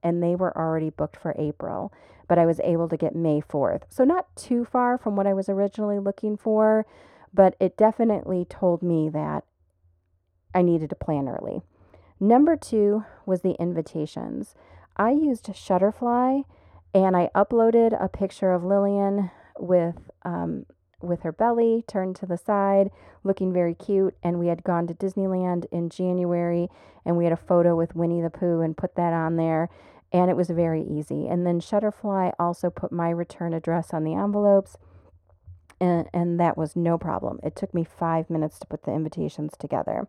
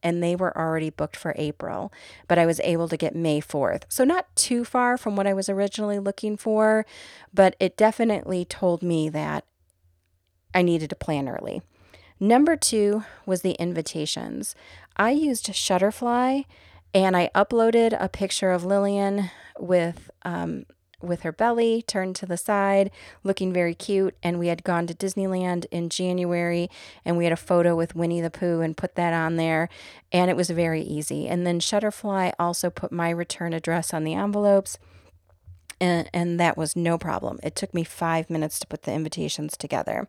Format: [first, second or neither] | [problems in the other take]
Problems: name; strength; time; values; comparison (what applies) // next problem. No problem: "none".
second | muffled; very; fading above 1.5 kHz